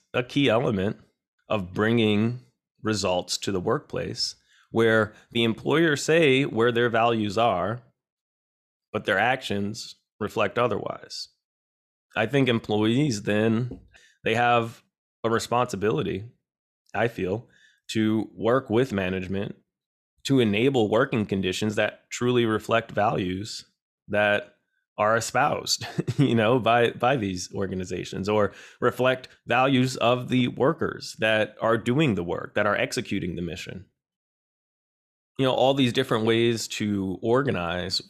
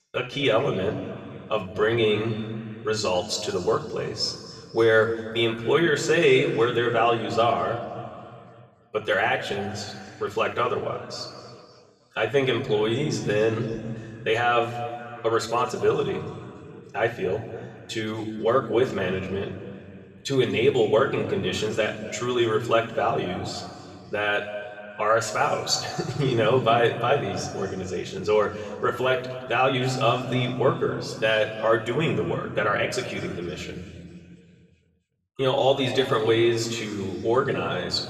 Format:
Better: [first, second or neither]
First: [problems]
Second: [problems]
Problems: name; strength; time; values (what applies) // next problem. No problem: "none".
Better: first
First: none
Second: room echo; slight; dies away in 2.4 s // off-mic speech; somewhat distant